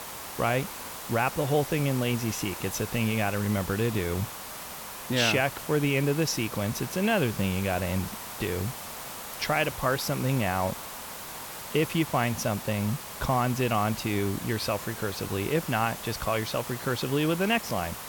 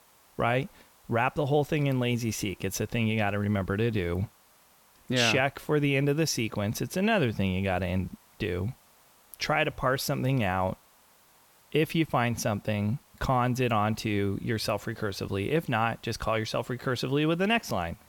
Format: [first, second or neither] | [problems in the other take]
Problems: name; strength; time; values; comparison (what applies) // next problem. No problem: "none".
second | hiss; loud; throughout; 9 dB below the speech; faint in the second